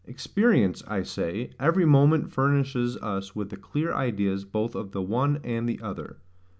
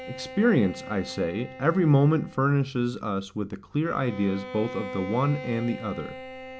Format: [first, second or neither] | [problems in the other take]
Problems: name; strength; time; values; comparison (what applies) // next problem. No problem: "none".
first | background sound (Bowed string instrument); 14 dB below the speech